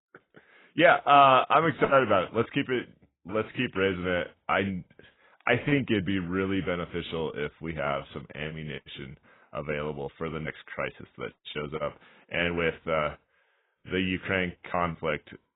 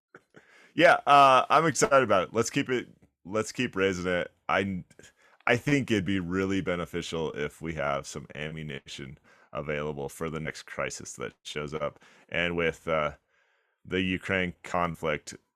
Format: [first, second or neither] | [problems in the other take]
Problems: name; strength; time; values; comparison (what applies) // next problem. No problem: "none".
second | garbled, watery; badly; nothing above 3.5 kHz